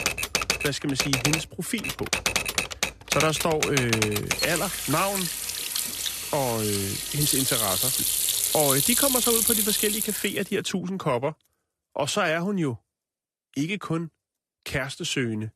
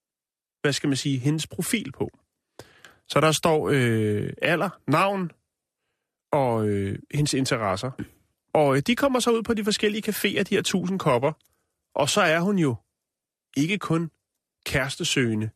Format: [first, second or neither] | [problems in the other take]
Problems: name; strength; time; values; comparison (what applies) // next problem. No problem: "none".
second | household noises; very loud; until 10 s; 3 dB above the speech